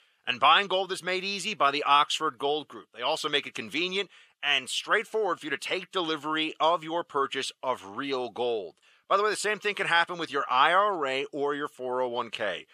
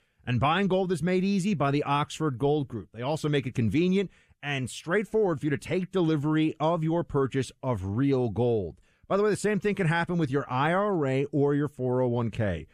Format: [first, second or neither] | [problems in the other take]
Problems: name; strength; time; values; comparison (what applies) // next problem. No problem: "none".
second | thin; very; fading below 600 Hz